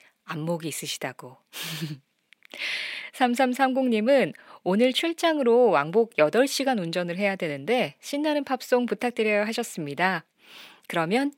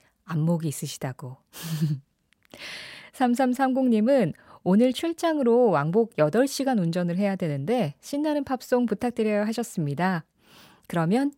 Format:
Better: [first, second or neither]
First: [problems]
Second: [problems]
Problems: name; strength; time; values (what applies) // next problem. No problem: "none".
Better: second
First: thin; very slightly; fading below 300 Hz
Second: none